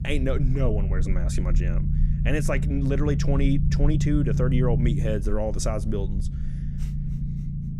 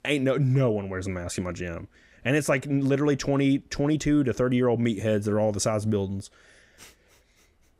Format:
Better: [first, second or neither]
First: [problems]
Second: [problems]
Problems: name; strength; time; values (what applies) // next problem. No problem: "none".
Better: second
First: low rumble; loud; throughout; 7 dB below the speech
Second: none